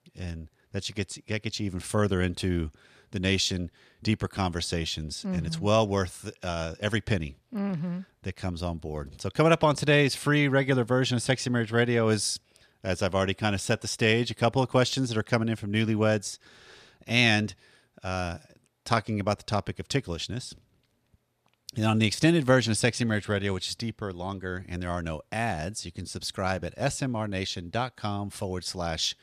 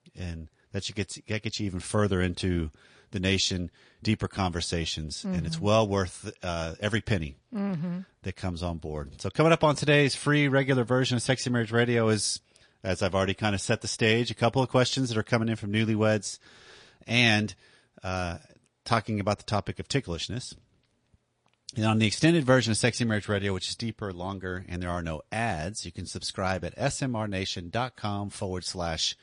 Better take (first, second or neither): first